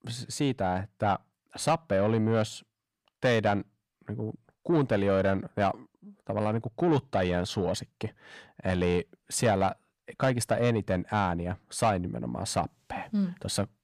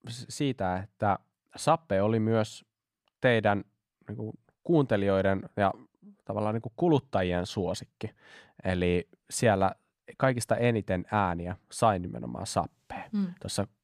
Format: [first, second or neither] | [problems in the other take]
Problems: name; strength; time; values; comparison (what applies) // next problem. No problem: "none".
second | distortion; slight; 10 dB below the speech